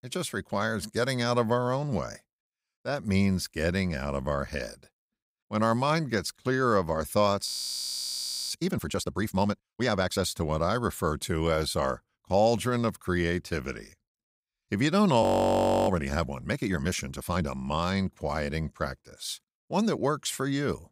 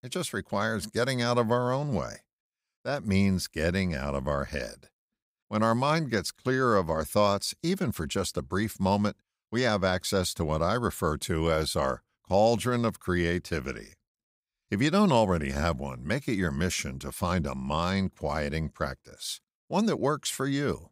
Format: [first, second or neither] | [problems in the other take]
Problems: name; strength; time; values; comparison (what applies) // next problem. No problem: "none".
second | audio freezing; at 7.5 s for 1 s and at 15 s for 0.5 s